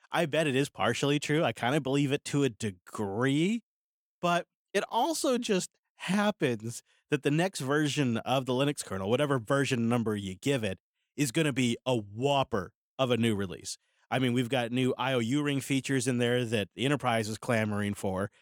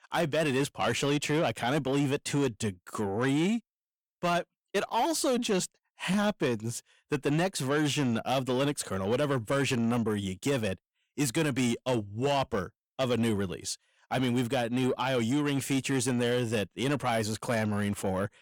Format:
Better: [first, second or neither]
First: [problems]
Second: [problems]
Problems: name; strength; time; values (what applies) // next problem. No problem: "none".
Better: first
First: none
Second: distortion; slight; 10 dB below the speech